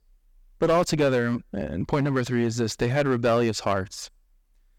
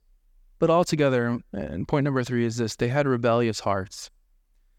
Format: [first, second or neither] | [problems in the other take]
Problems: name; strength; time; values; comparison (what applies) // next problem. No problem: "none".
second | distortion; slight; 5% of the sound clipped